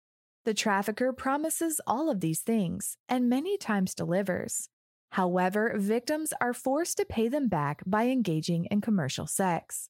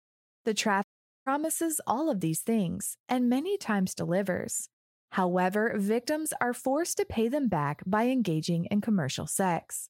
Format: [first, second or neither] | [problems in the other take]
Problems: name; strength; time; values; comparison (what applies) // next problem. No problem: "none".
first | audio cutting out; at 1 s